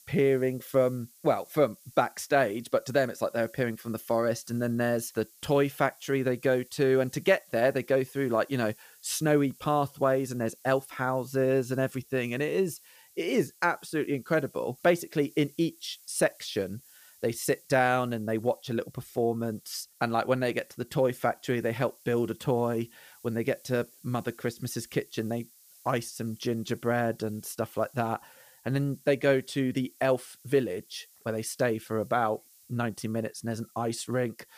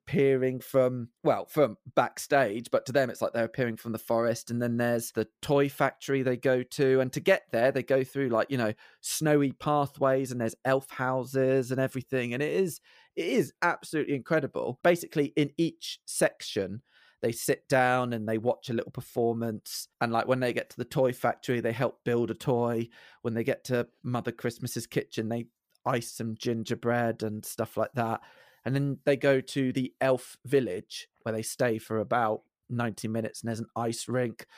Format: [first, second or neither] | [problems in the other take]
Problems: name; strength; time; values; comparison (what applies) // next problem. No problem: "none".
second | hiss; faint; throughout; 25 dB below the speech